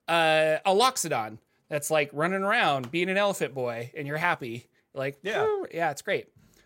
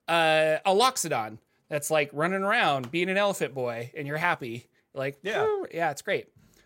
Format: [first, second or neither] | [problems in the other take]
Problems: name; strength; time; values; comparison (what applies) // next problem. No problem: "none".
neither | none